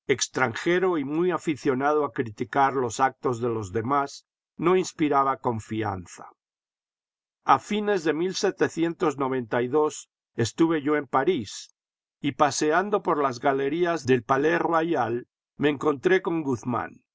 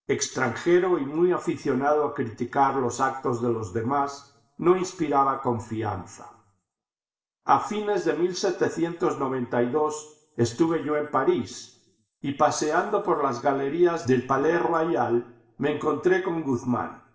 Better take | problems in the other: first | room echo; dies away in 0.6 s

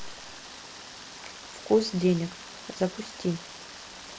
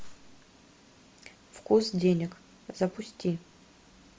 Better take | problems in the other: second | background sound (Rain); 13 dB below the speech

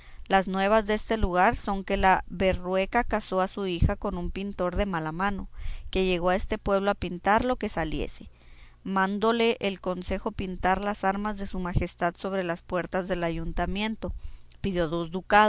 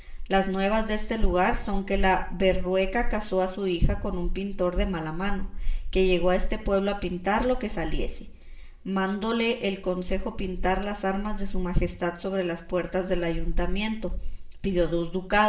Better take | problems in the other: first | room echo; dies away in 0.5 s

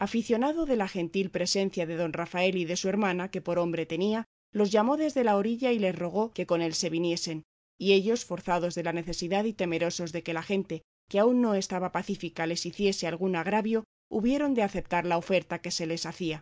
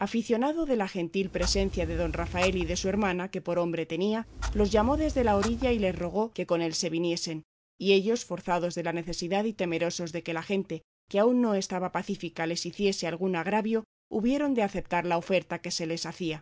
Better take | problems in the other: first | background sound (Clock); 7 dB below the speech

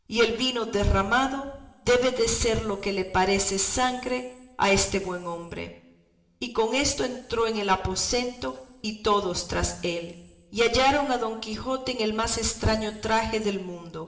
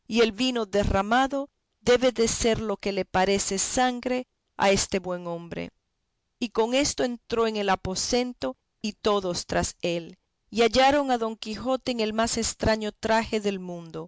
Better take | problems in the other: second | room echo; dies away in 1 s

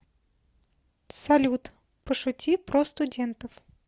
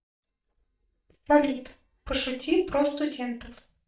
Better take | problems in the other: first | noise reduction (neural mask model DeepFilterNet 3)

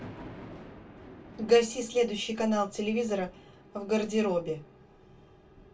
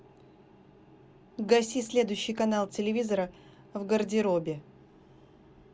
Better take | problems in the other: second | background sound (Thunder); 19 dB below the speech // room echo; dies away in 0.2 s

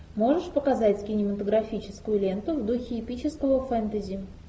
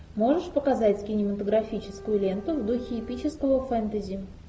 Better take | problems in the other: first | background sound (Bowed string instrument); 18 dB below the speech

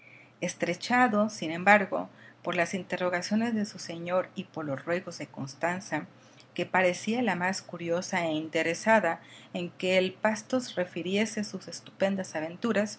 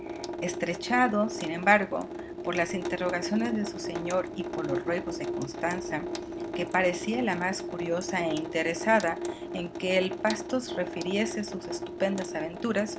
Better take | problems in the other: first | background sound (Drip / Sink (filling or washing) / Water tap, faucet); 6 dB below the speech

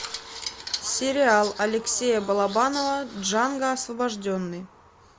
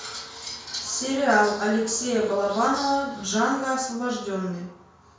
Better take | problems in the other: first | room echo; dies away in 0.5 s

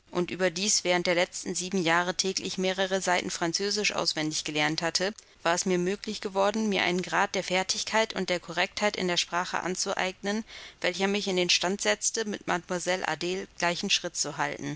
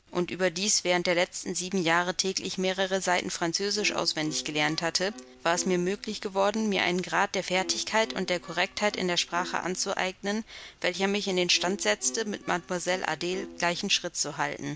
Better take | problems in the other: first | background sound (Bowed string instrument); 17 dB below the speech

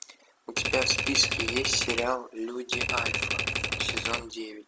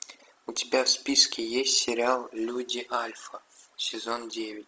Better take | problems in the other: second | background sound (Typewriter); 1 dB above the speech

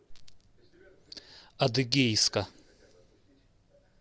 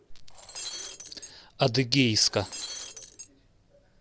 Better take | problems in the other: first | background sound (Shatter); 11 dB below the speech

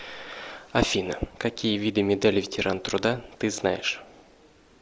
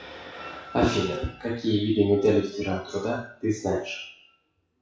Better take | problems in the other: first | noise reduction (classical method WPE with log-MMSE)

